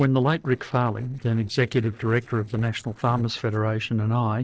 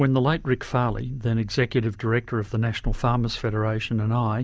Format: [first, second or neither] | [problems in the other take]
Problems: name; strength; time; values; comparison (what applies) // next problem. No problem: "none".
second | noise reduction (neural separator model SepFormer DNS4)